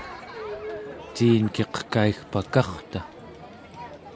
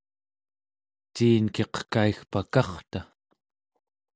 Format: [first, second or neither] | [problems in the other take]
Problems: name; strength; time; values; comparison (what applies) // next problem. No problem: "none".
second | background sound (Crowd); 13 dB below the speech